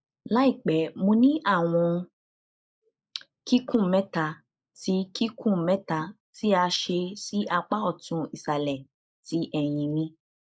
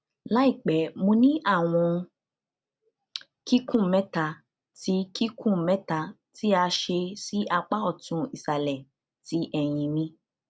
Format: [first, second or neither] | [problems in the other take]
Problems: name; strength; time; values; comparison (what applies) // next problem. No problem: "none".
second | noise reduction (neural mask model Resemble Enhance denoiser)